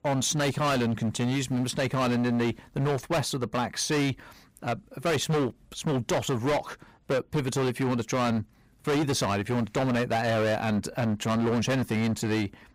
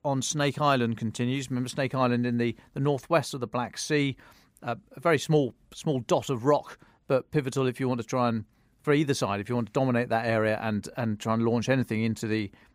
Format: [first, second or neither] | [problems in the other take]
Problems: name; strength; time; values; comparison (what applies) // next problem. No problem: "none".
second | distortion; heavy; 21% of the sound clipped